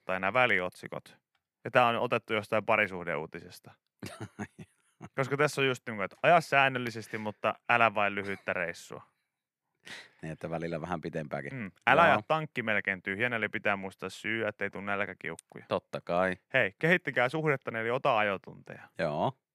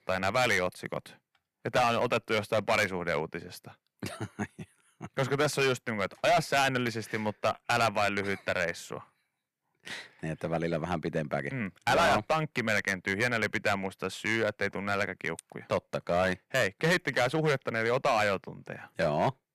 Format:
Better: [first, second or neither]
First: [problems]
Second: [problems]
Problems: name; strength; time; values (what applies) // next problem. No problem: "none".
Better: first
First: none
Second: distortion; heavy; 6% of the sound clipped